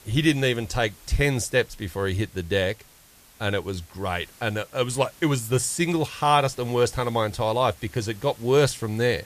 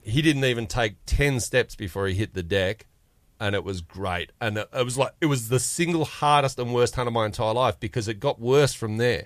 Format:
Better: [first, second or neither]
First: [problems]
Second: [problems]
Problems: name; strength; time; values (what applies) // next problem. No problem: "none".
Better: second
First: hiss; faint; throughout; 25 dB below the speech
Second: none